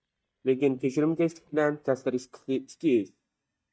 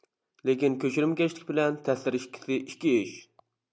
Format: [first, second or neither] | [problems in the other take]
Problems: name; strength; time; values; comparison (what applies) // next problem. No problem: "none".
second | noise reduction (neural mask model DeepFilterNet 3)